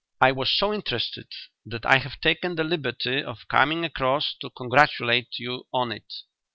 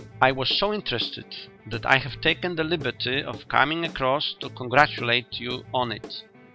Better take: first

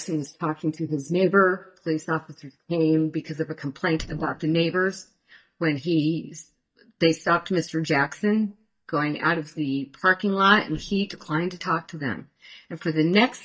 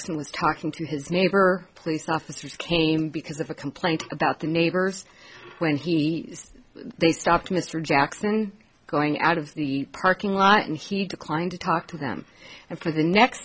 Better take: second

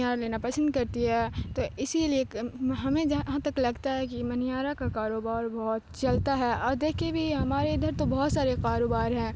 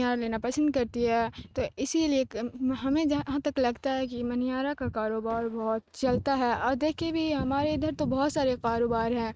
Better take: first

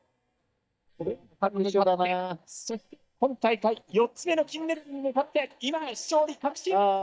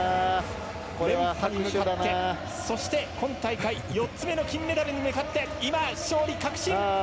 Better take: second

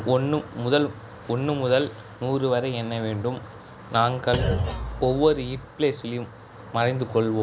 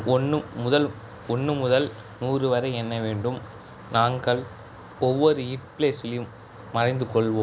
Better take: second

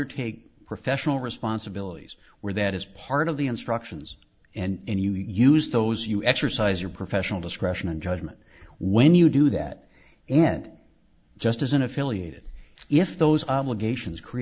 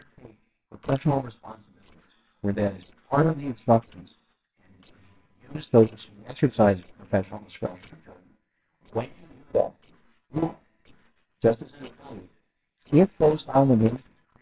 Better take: first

